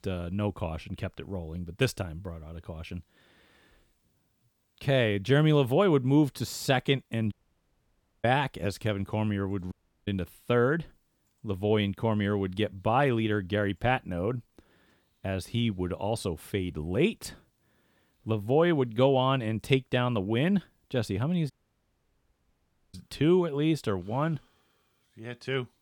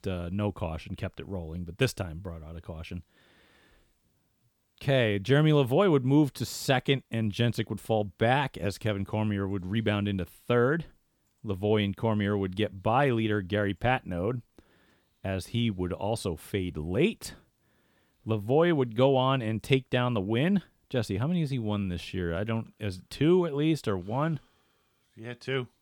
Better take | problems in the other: second | audio cutting out; at 7.5 s for 1 s, at 9.5 s and at 22 s for 1.5 s

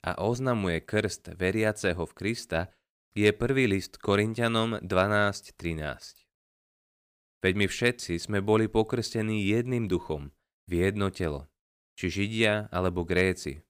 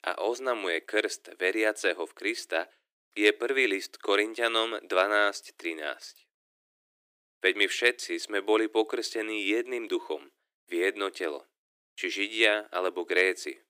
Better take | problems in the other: first | thin; very; fading below 300 Hz

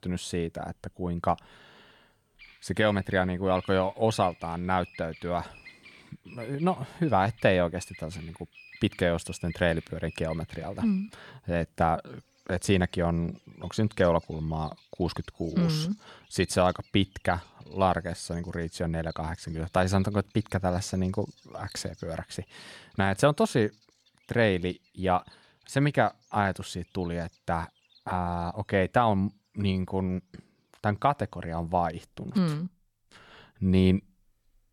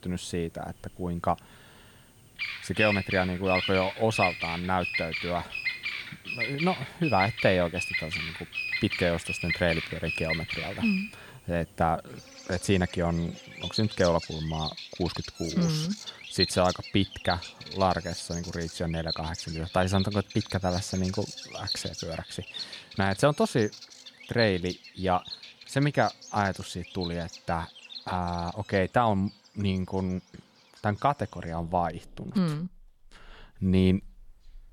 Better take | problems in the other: first | animal sounds; loud; throughout; 5 dB below the speech; faint in the first

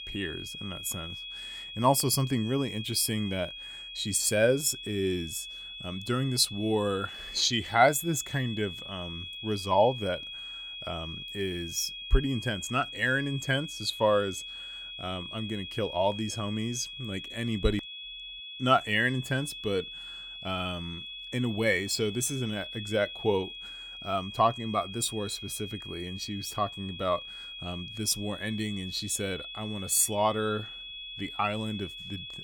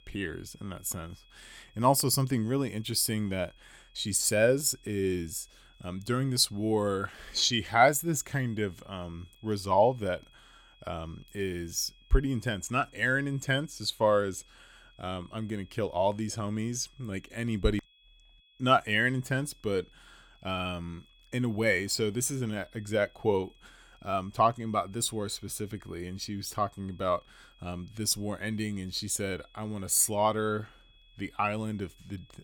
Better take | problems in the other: second | high-pitched whine; loud; throughout; 3.5 kHz, 9 dB below the speech; faint in the second

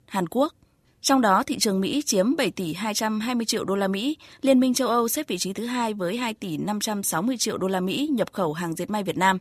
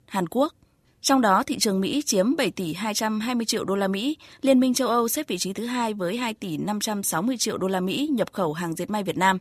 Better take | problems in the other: neither | none

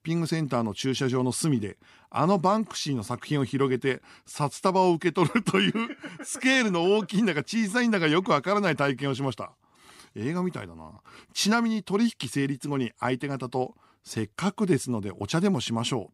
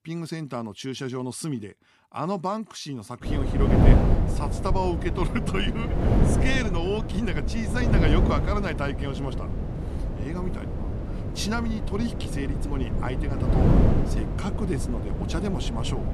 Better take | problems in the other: first | wind noise on the microphone; heavy; from 3.5 s on; 2 dB below the speech

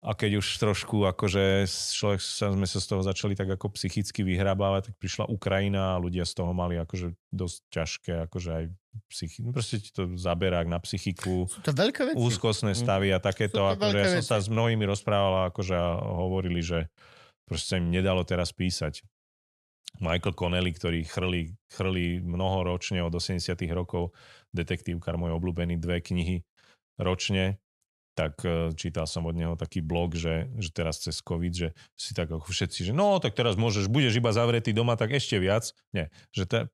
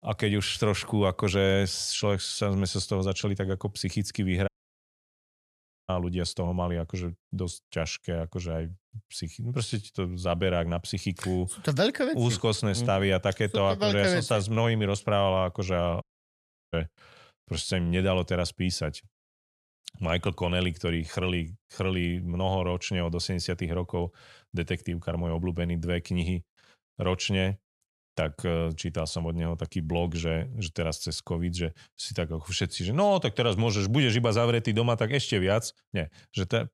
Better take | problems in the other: first | audio cutting out; at 4.5 s for 1.5 s and at 16 s for 0.5 s

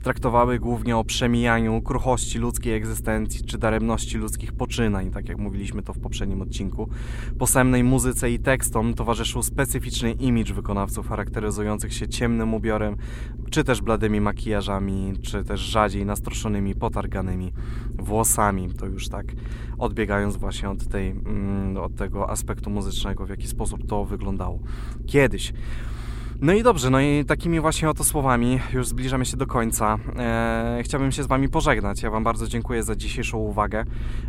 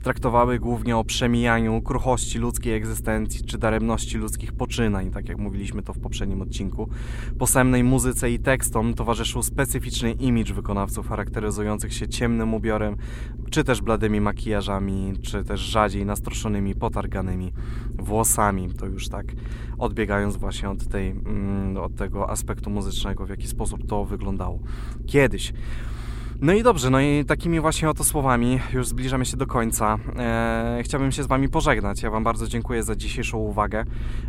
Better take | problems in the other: neither | low rumble; faint; throughout; 20 dB below the speech; the same in both

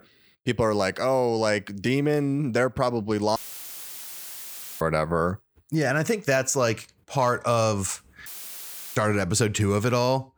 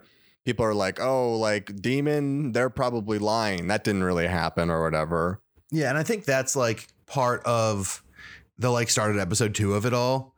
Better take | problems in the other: second | audio cutting out; filled with static; at 3.5 s for 1.5 s and at 8.5 s for 0.5 s

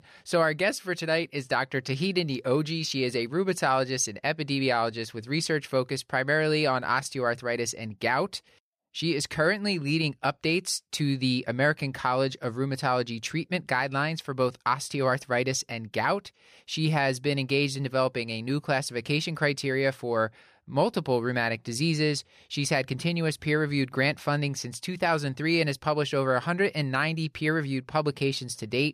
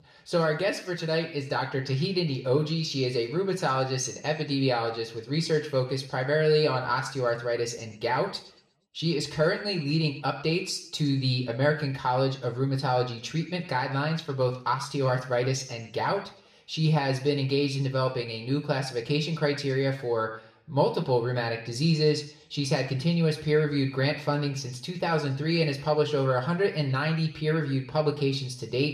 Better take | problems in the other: first | room echo; slight; dies away in 0.6 s // off-mic speech; somewhat distant

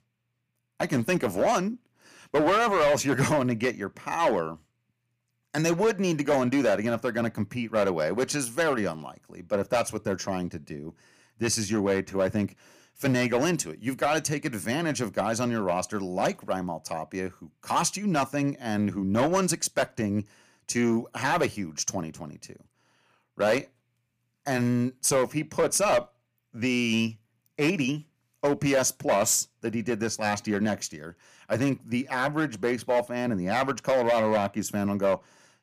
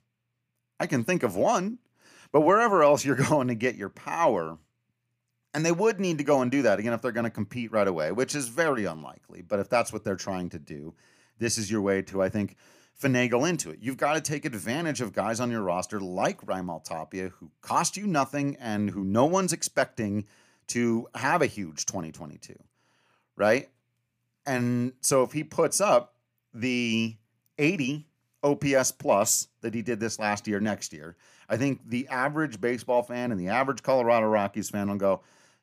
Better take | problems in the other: second | distortion; slight; 5% of the sound clipped

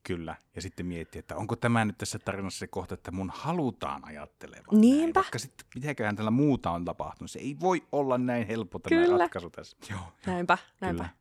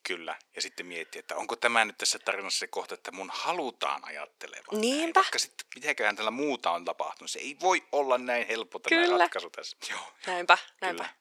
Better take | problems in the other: first | thin; very; fading below 450 Hz

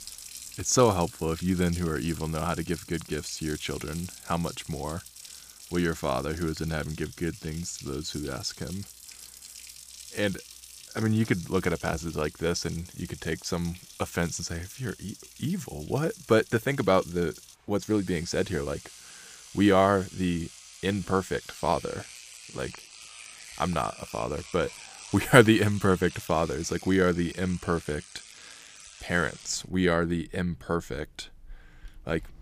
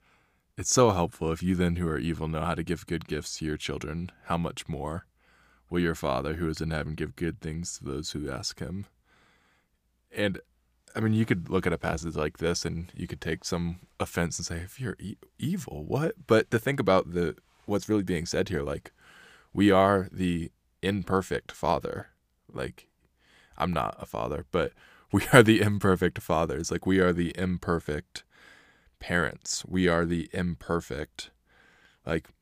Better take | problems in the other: second | household noises; noticeable; throughout; 15 dB below the speech

